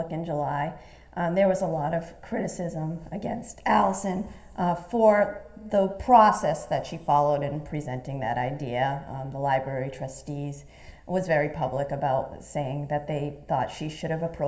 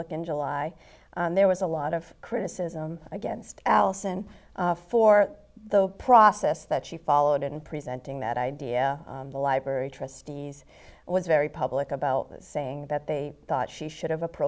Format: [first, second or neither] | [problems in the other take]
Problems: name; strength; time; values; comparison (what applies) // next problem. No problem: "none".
second | room echo; dies away in 1.4 s